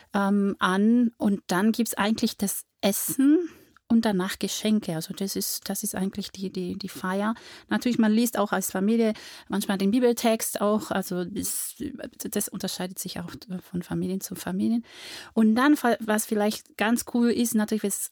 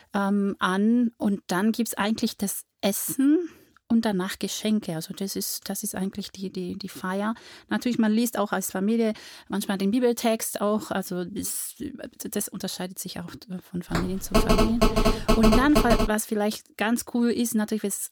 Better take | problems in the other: first | phone ringing; loud; from 14 to 16 s; peak 4 dB above the speech

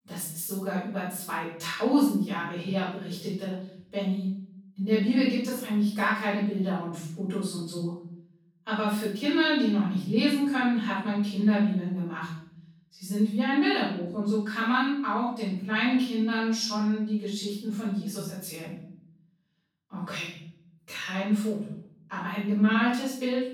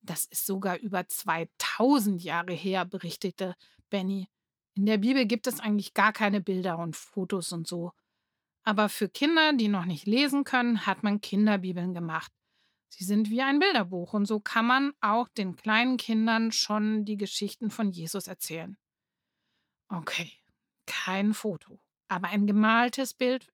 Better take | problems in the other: second | off-mic speech; far // room echo; noticeable; dies away in 0.7 s

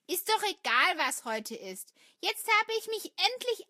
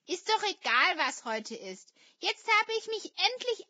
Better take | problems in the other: first | garbled, watery; badly; nothing above 7.5 kHz; slightly in the first

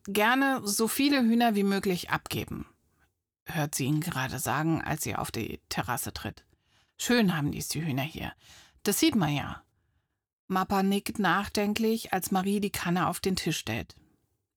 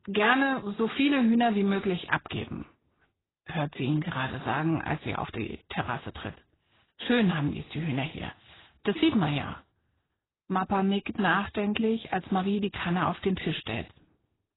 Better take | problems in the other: first | garbled, watery; badly; nothing above 4 kHz

